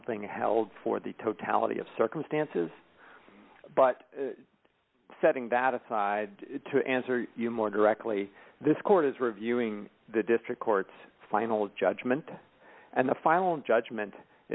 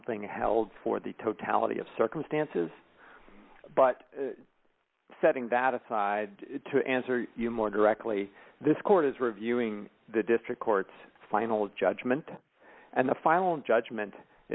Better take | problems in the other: first | noise reduction (neural mask model Resemble Enhance denoiser)

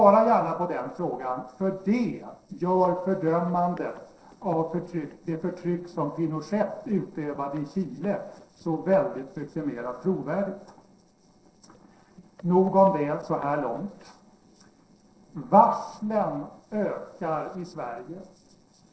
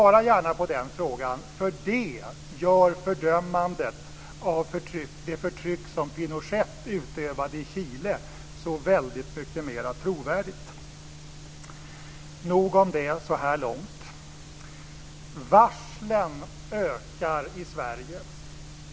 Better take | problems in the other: second | noise reduction (neural separator model SepFormer DNS4)

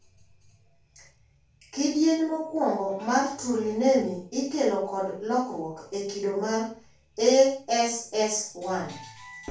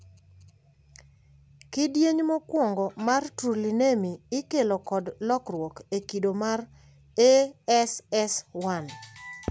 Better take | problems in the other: second | room echo; dies away in 0.3 s

